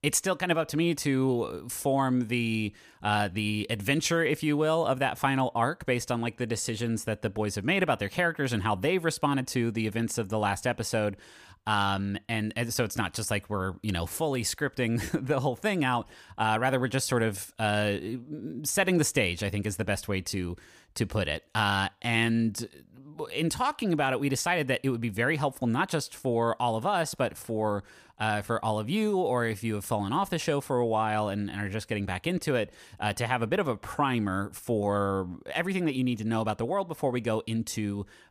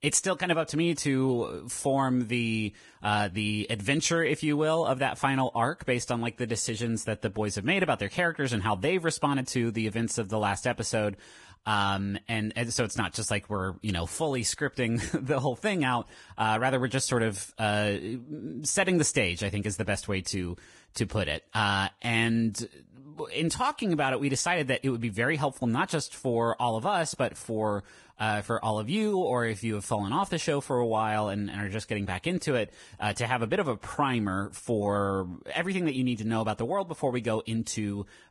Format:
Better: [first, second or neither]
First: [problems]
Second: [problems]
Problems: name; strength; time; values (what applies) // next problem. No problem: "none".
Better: first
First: none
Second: garbled, watery; badly; nothing above 10.5 kHz